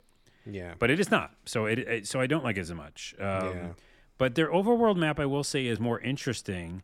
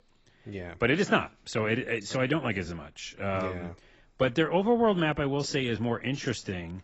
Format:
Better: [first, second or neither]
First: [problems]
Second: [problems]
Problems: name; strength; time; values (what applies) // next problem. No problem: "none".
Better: first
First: none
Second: garbled, watery; badly; nothing above 7.5 kHz